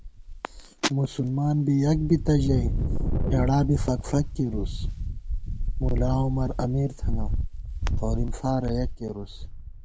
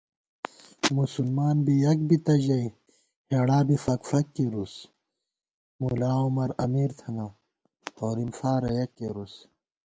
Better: second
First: background sound (Wind); 1 dB below the speech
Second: none

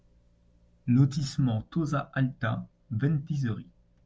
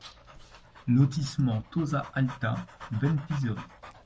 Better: first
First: none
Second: background sound (Dog); 19 dB below the speech

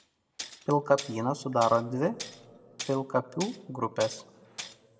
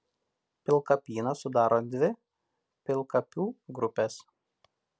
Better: second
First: background sound (Tools); 15 dB below the speech // room echo; dies away in 1.2 s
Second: none

